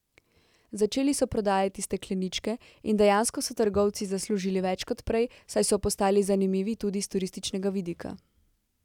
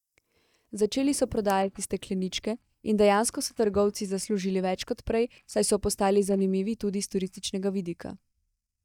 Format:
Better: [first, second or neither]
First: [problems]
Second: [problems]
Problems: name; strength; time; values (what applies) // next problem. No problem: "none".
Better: first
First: none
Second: noise reduction (neural mask model DeepFilterNet 3)